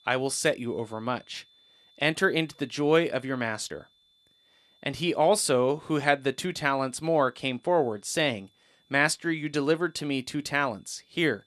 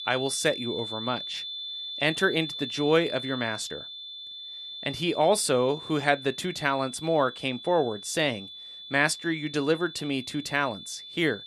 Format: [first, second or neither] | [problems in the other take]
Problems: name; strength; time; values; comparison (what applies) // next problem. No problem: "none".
first | high-pitched whine; loud; throughout; 3.5 kHz, 9 dB below the speech; faint in the first